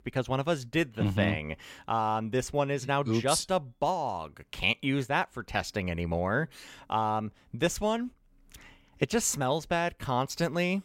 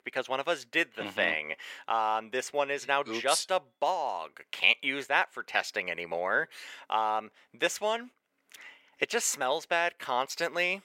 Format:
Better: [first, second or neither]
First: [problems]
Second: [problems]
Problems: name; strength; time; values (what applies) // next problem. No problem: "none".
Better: first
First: none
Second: thin; very; fading below 500 Hz